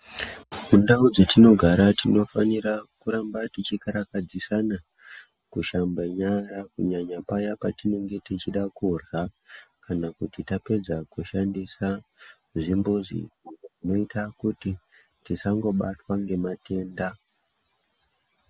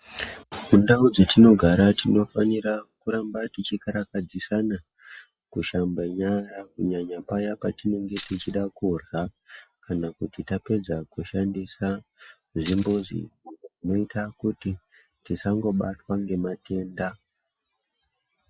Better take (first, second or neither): first